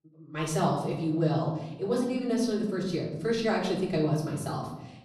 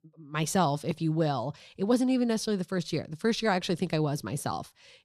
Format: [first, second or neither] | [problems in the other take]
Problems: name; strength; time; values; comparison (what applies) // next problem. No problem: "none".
second | off-mic speech; far // room echo; noticeable; dies away in 1 s